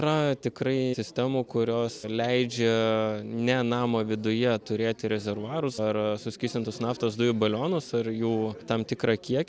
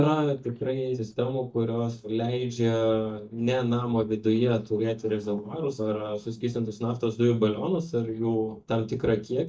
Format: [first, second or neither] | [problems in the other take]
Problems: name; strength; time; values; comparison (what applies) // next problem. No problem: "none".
first | noise reduction (neural mask model DeepFilterNet 3)